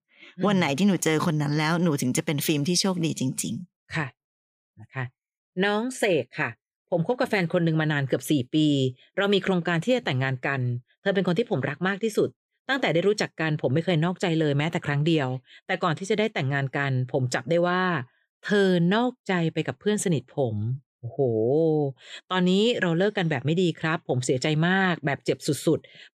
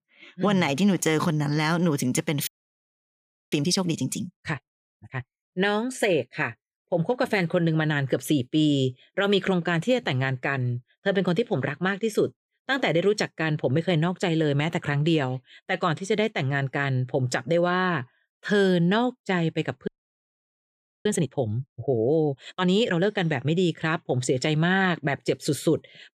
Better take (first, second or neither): first